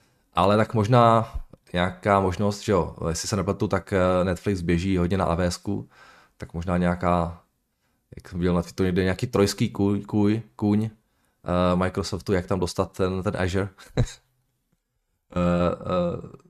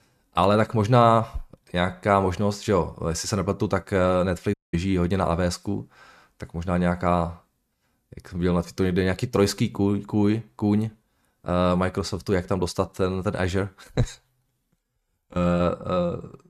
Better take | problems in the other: first | audio cutting out; at 4.5 s

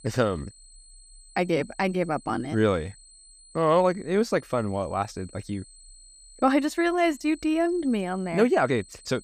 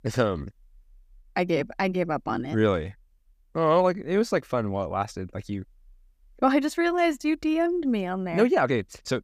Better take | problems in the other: second | high-pitched whine; faint; throughout; 8 kHz, 25 dB below the speech

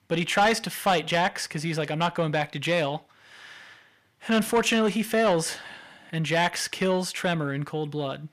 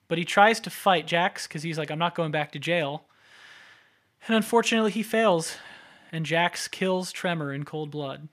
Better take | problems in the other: second | distortion; slight; 10 dB below the speech

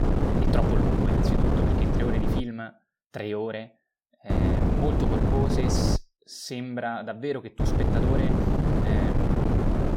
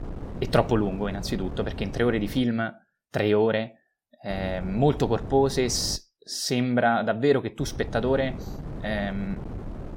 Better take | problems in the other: second | wind noise on the microphone; heavy; until 2.5 s, from 4.5 to 6 s and from 7.5 s on; 4 dB above the speech; occasional gusts in the second

